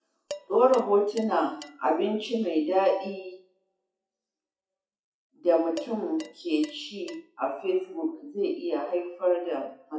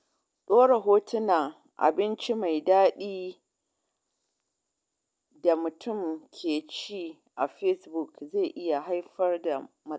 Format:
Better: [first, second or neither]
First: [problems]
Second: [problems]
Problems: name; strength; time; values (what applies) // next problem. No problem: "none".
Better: second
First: noise reduction (classical method WPE with log-MMSE)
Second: none